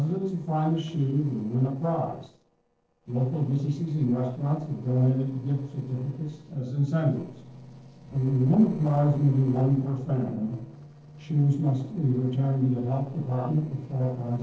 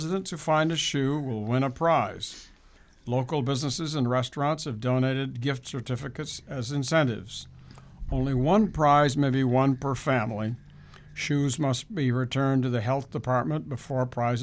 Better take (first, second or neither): second